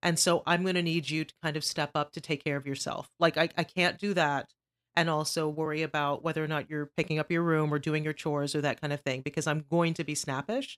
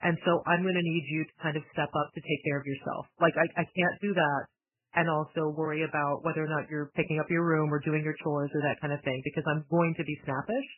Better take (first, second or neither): first